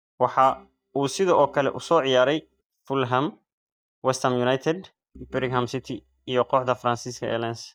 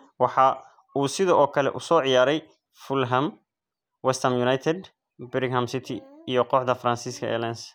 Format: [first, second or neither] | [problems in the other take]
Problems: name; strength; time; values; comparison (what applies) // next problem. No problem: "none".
second | noise reduction (neural mask model DeepFilterNet 3)